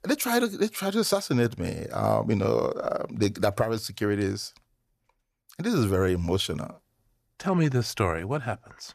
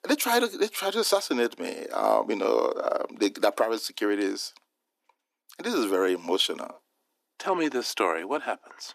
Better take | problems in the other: first | thin; somewhat; fading below 300 Hz

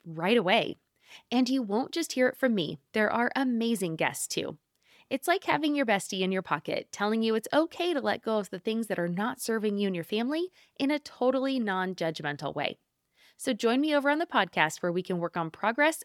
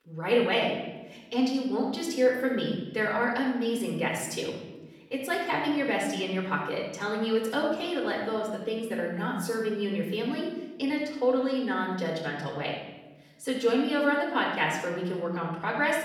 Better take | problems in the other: first | off-mic speech; far // room echo; noticeable; dies away in 1 s

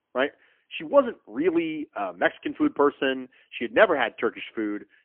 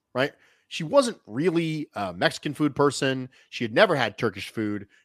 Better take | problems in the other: second | phone-call audio; poor line; nothing above 3 kHz

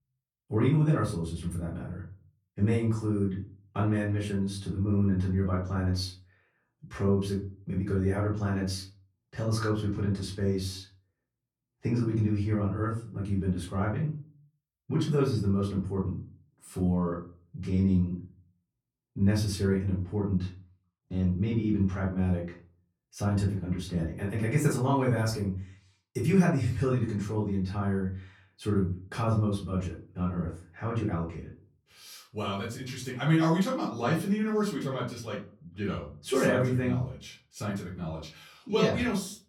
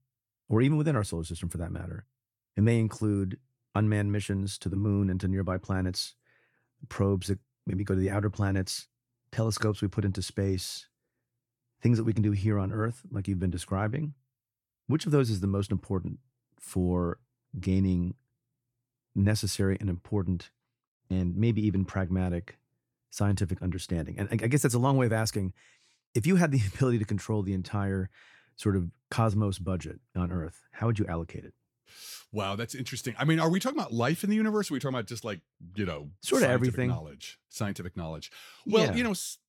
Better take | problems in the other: second | off-mic speech; far // room echo; slight; dies away in 0.4 s

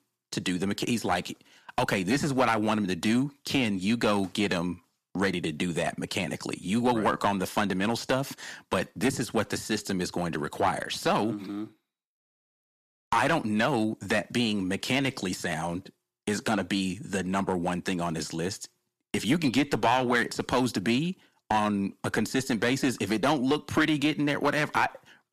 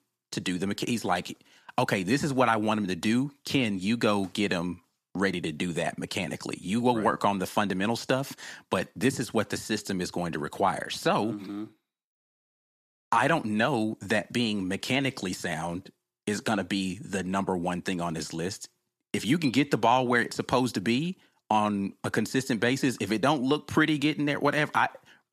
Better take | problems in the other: second | distortion; slight; 3% of the sound clipped

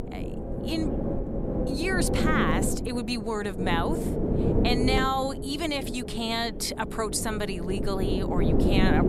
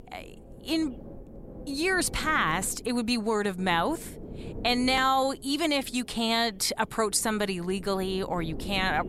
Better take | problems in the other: second | wind noise on the microphone; heavy; 4 dB below the speech; occasional gusts in the second

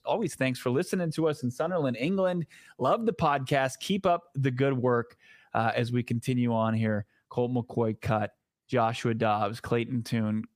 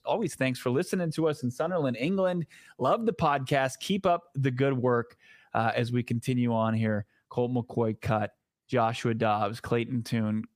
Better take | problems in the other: neither | none

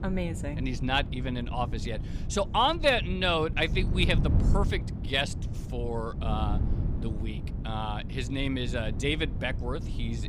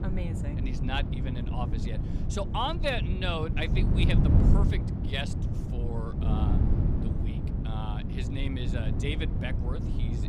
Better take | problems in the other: first | wind noise on the microphone; heavy; 5 dB below the speech; occasional gusts in the first

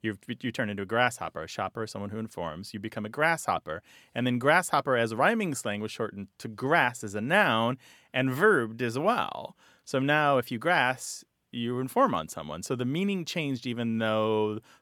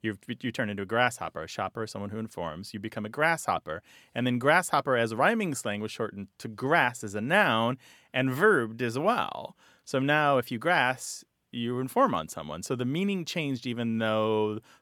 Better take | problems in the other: neither | none

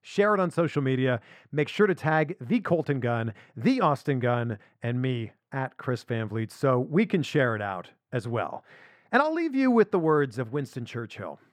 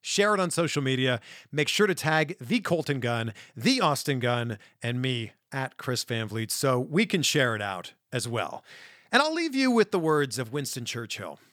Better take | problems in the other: second | muffled; very; fading above 3 kHz

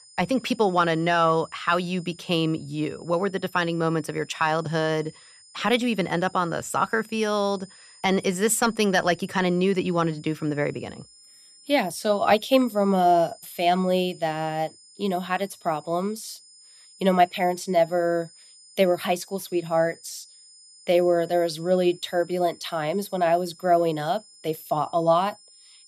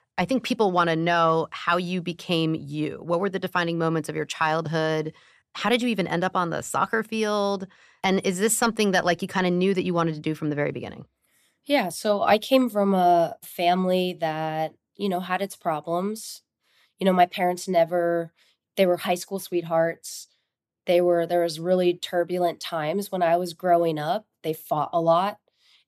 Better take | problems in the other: second | high-pitched whine; faint; throughout; 5 kHz, 25 dB below the speech

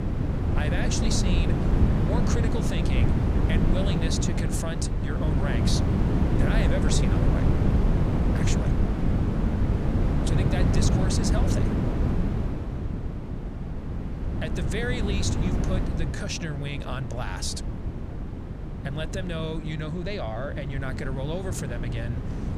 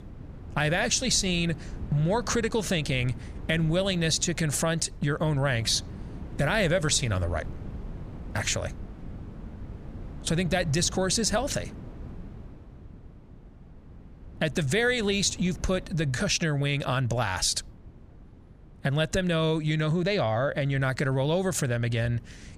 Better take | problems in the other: second | wind noise on the microphone; heavy; as loud as the speech; occasional gusts in the second

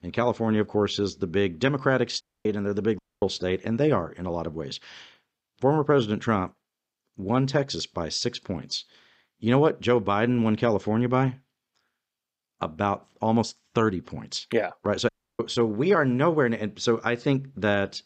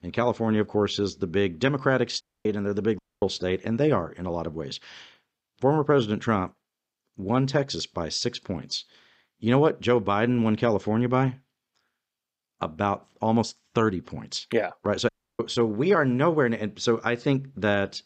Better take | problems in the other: neither | audio cutting out; at 2 s, at 3 s and at 15 s; the same in both

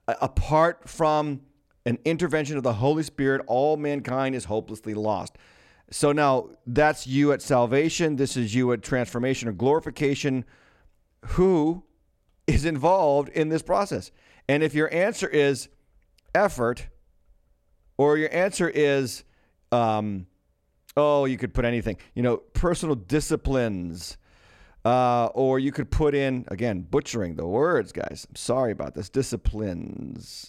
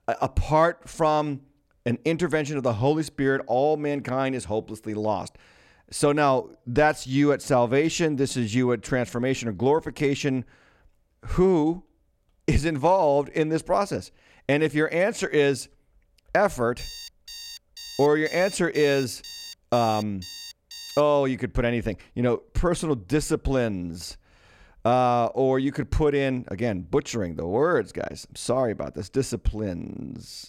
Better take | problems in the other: first | alarm; faint; from 17 to 21 s; peak 15 dB below the speech

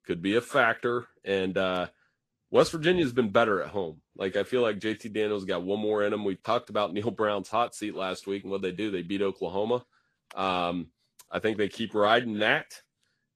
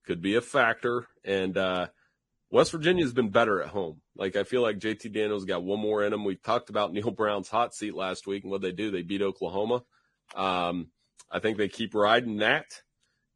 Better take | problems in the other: first | garbled, watery; badly; slightly in the first

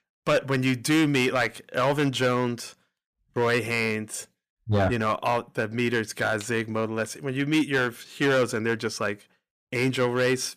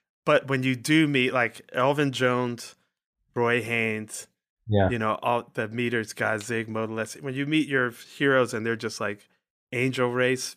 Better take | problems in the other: second | distortion; slight; 6% of the sound clipped

